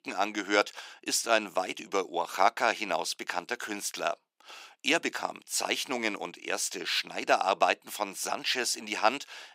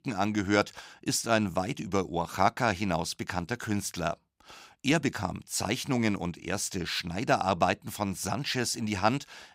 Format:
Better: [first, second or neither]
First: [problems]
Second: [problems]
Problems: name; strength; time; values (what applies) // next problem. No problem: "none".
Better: second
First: thin; somewhat; fading below 350 Hz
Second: none